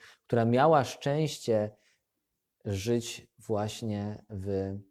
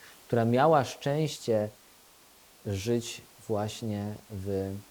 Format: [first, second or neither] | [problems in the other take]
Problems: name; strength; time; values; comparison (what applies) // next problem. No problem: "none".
first | hiss; faint; throughout; 25 dB below the speech